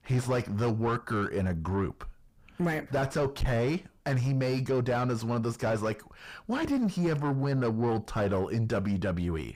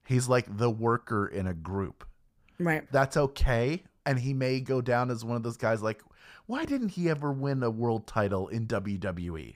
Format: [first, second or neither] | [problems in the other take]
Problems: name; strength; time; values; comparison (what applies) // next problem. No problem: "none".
second | distortion; heavy; 6 dB below the speech